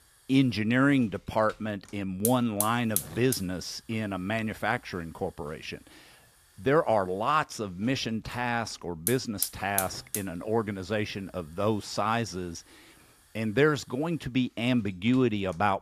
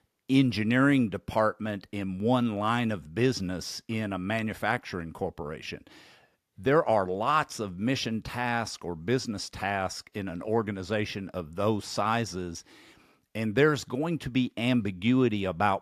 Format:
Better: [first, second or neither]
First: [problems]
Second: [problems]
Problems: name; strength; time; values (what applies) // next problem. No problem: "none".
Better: second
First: hiss; loud; throughout; 4 dB below the speech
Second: none